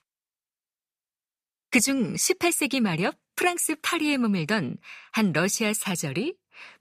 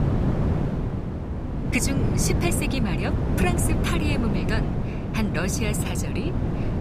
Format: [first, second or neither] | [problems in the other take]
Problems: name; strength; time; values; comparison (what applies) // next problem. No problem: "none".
first | wind noise on the microphone; heavy; 3 dB below the speech